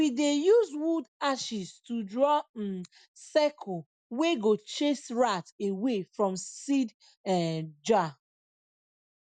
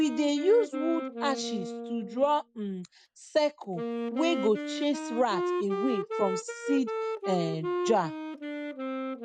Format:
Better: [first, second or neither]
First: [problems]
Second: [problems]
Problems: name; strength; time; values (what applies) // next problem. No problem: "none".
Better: first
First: none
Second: noise reduction (neural mask model RNNoise)